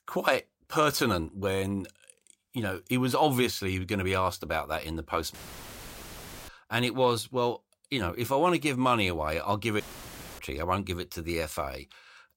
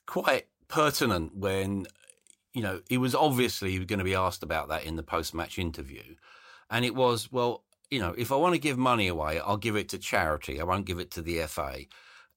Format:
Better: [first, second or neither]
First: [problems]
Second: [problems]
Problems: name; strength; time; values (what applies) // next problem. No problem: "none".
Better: second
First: audio cutting out; filled with static; at 5.5 s for 1 s and at 10 s for 0.5 s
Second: none